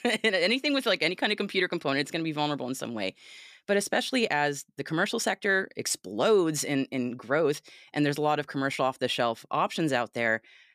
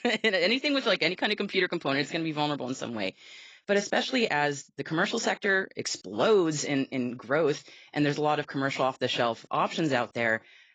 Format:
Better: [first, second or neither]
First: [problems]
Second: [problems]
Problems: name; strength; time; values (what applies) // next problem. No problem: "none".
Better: first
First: none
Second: garbled, watery; badly; nothing above 7.5 kHz